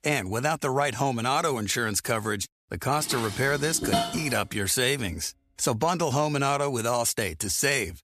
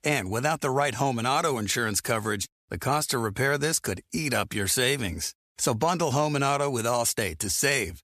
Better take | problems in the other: second | clattering dishes; noticeable; from 3 to 4 s; peak 1 dB below the speech

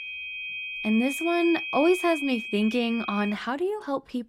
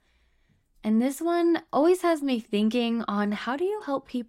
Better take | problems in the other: second | high-pitched whine; loud; until 3.5 s; 2.5 kHz, 6 dB below the speech

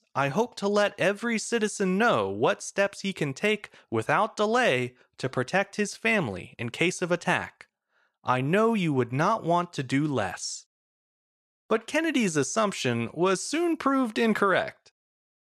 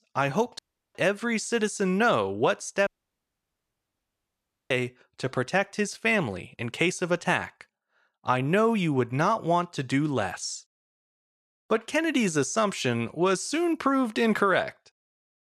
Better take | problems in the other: first | audio cutting out; at 0.5 s and at 3 s for 2 s

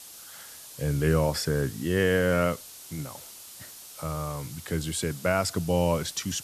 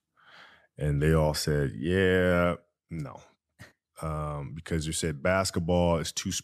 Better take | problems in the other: second | hiss; noticeable; throughout; 15 dB below the speech

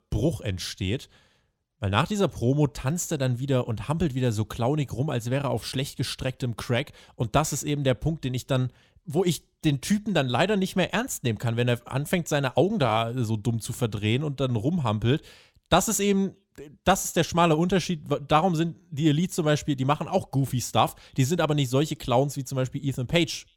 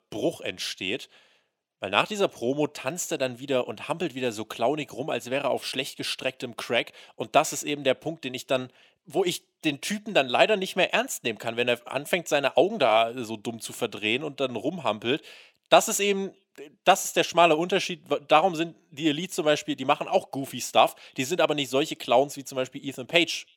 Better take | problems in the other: first | thin; somewhat; fading below 350 Hz

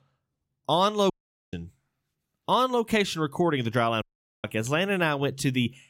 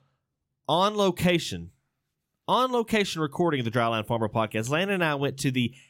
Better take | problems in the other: second | audio cutting out; at 1 s and at 4 s

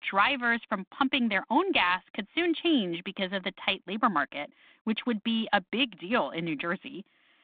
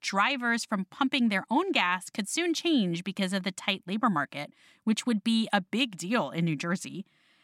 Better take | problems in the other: second | phone-call audio

